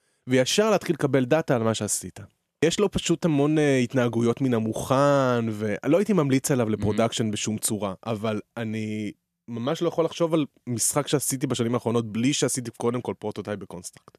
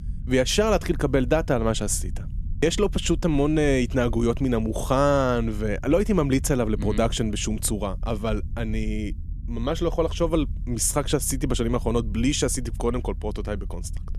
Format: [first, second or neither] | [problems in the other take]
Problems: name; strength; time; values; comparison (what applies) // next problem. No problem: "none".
first | low rumble; faint; throughout; 25 dB below the speech